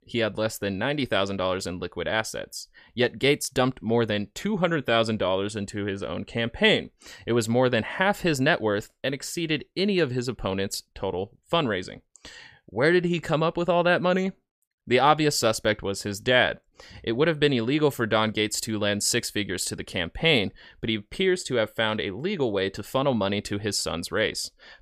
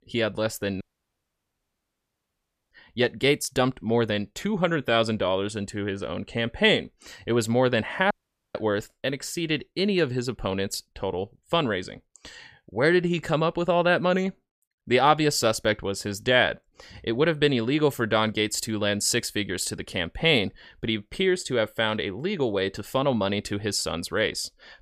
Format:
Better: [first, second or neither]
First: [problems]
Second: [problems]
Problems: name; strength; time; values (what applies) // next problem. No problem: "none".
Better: first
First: none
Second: audio cutting out; at 1 s for 2 s and at 8 s